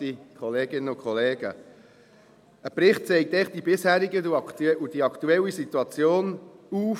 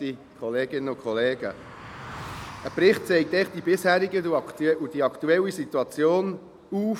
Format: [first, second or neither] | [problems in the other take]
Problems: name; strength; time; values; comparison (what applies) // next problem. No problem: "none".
first | background sound (Car passing by); 20 dB below the speech